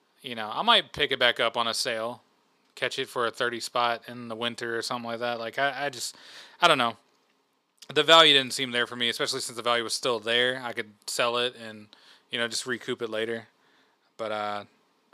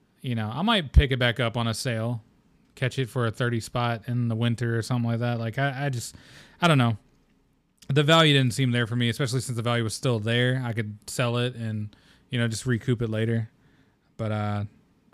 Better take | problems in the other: second | thin; very; fading below 500 Hz

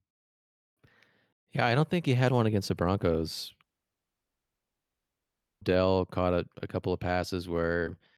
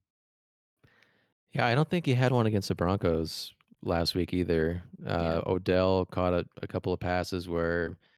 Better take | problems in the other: second | audio cutting out; at 3.5 s for 2 s

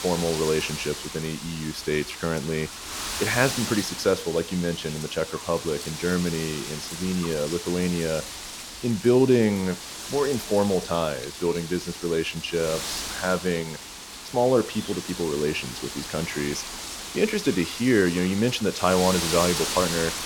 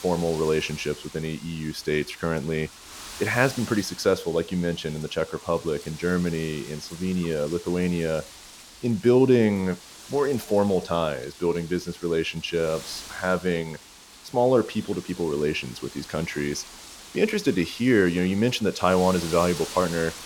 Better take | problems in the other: second | wind noise on the microphone; heavy; 6 dB below the speech; occasional gusts in the second

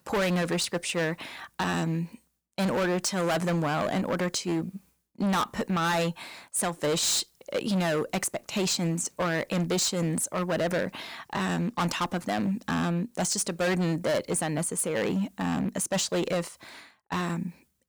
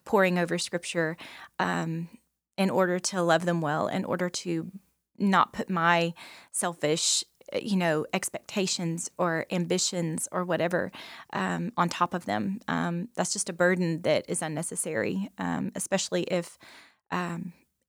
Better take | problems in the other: second | distortion; heavy; 16% of the sound clipped

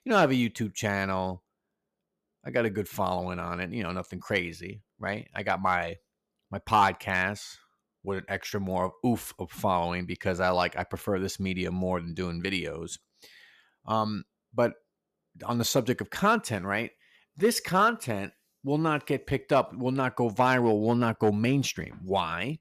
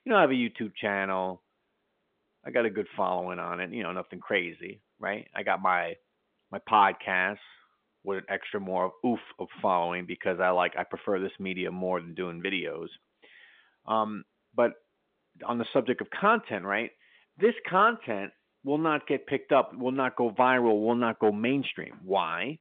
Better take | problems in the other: first | phone-call audio; nothing above 3.5 kHz

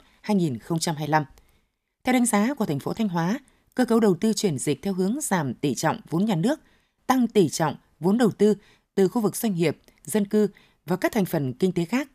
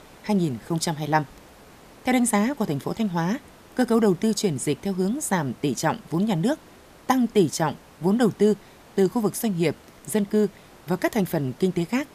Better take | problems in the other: first | hiss; faint; throughout; 25 dB below the speech

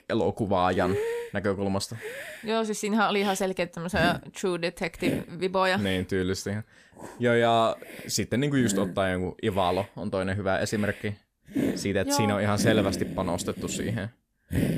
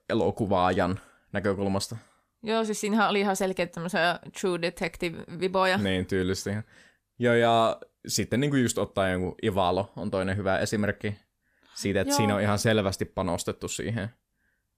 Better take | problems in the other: second | hiss; loud; throughout; 7 dB below the speech

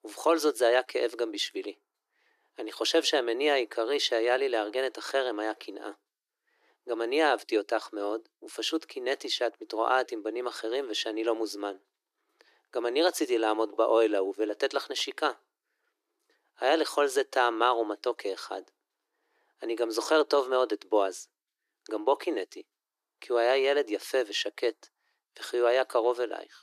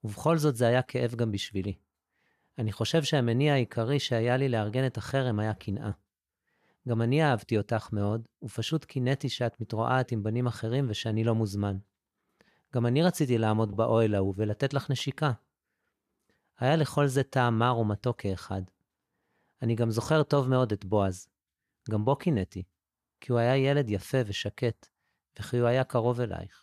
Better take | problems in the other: second | thin; very; fading below 300 Hz

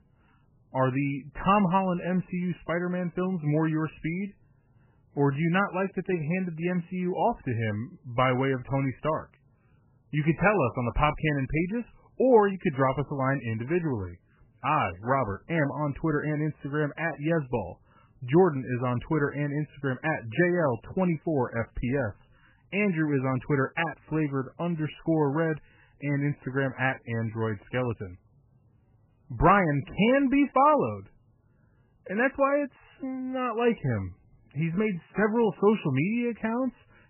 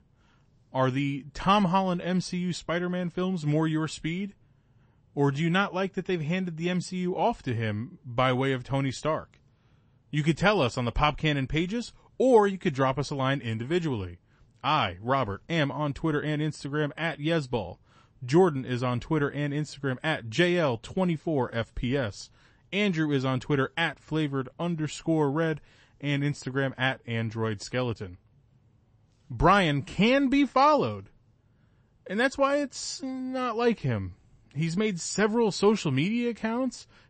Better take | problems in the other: second | garbled, watery; badly; nothing above 3 kHz; slightly in the second

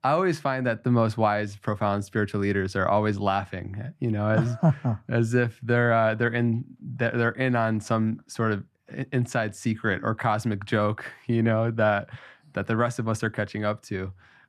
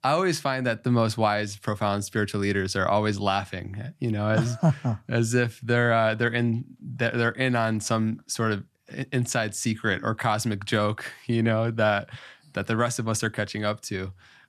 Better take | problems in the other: second | muffled; slightly; fading above 2.5 kHz

